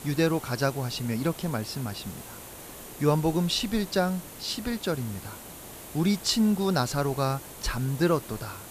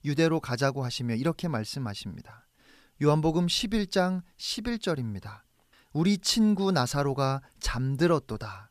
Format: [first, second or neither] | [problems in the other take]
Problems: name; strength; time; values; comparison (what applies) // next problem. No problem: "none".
second | hiss; noticeable; throughout; 15 dB below the speech